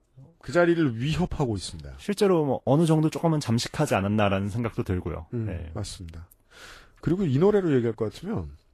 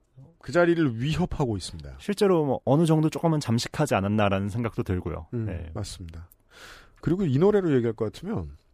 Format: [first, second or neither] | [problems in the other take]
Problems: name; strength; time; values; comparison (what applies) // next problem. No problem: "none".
second | garbled, watery; slightly; nothing above 12.5 kHz